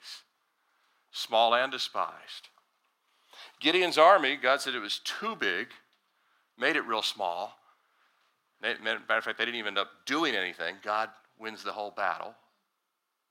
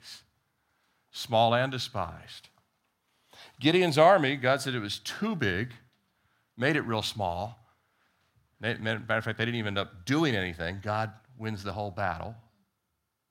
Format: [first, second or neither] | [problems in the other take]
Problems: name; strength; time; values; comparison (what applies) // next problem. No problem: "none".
second | thin; somewhat; fading below 300 Hz